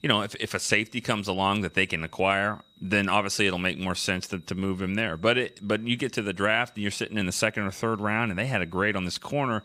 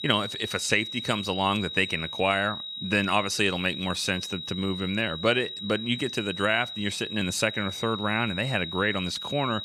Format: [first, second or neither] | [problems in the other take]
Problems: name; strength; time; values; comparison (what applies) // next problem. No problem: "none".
first | high-pitched whine; loud; throughout; 4 kHz, 7 dB below the speech; faint in the first